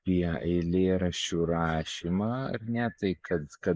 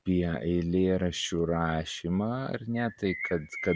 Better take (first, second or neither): second